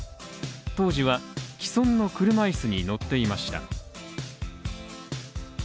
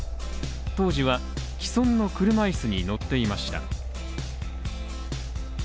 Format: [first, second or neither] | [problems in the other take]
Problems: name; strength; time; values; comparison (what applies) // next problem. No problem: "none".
first | background sound (Mechanical fan); 6 dB below the speech